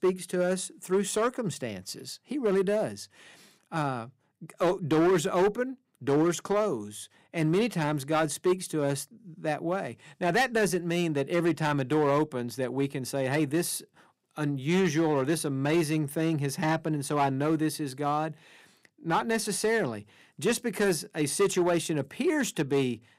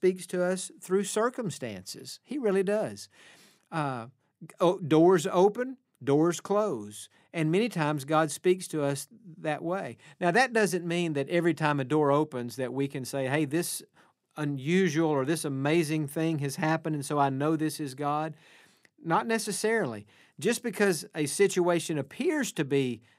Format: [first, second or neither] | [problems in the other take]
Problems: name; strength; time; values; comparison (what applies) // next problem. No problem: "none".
second | distortion; slight; 5% of the sound clipped